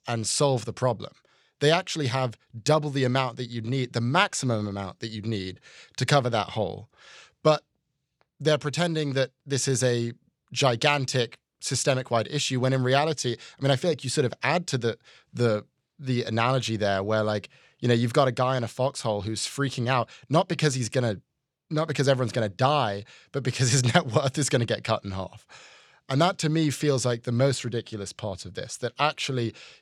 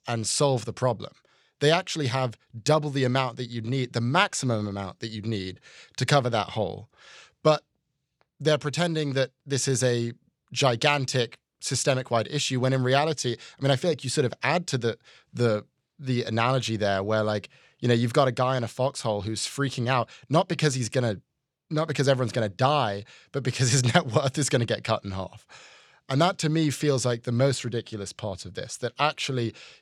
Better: neither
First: none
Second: none

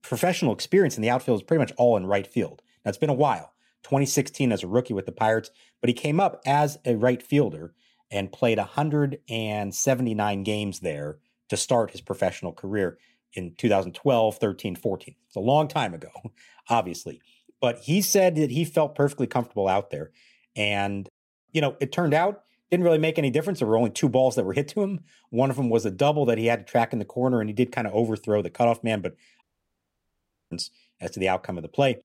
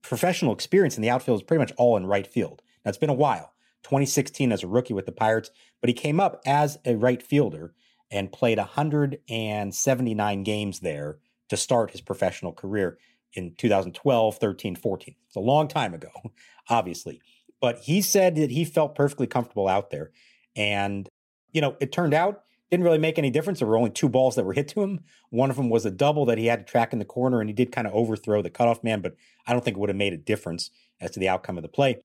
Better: second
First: audio cutting out; at 29 s for 1 s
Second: none

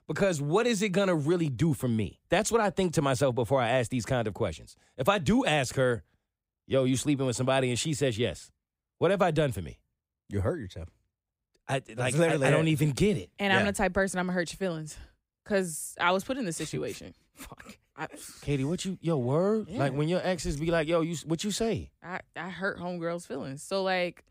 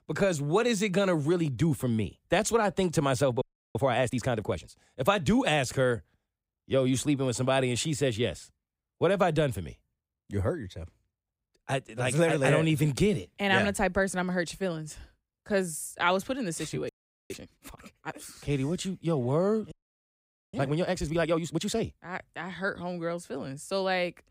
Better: first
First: none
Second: audio freezing; at 3.5 s, at 17 s and at 20 s for 1 s

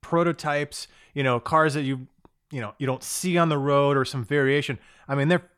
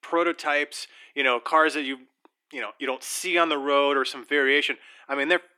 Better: first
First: none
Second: thin; somewhat; fading below 300 Hz

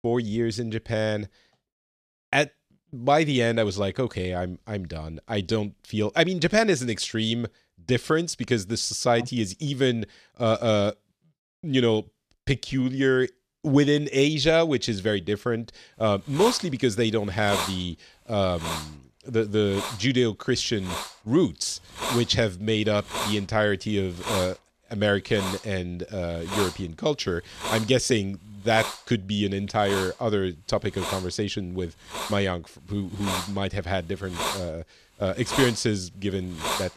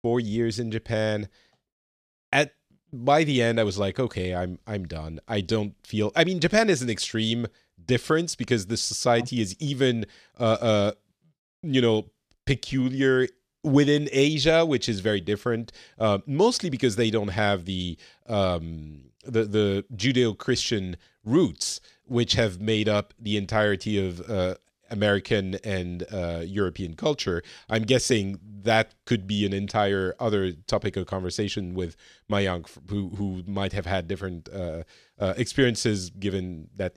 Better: second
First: hiss; loud; from 16 s on; 7 dB below the speech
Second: none

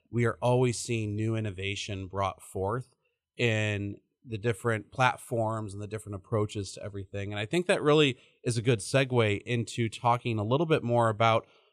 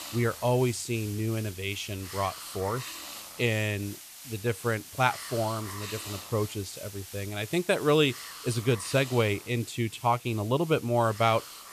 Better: first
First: none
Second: hiss; noticeable; throughout; 10 dB below the speech

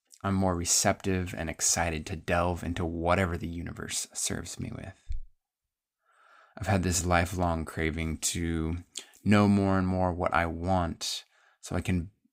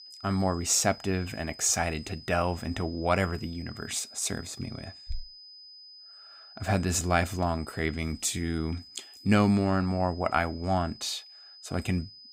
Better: first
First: none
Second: high-pitched whine; noticeable; throughout; 5 kHz, 20 dB below the speech

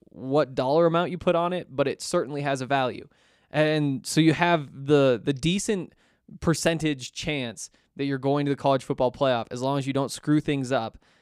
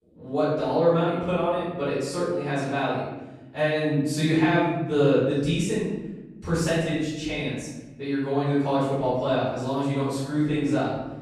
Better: first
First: none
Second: off-mic speech; far // room echo; strong; dies away in 1.1 s

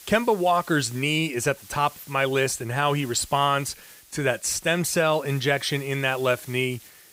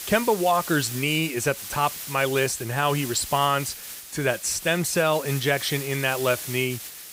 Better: first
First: hiss; faint; throughout; 20 dB below the speech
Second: hiss; loud; throughout; 10 dB below the speech

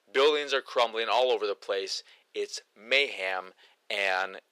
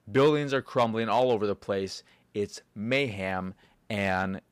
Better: second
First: thin; very; fading below 400 Hz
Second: none

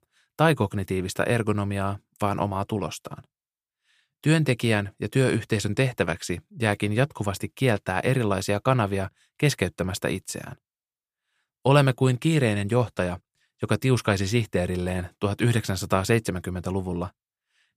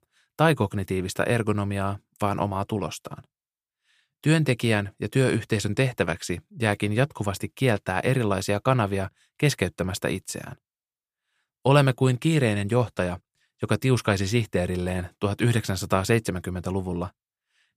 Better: neither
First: none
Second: none

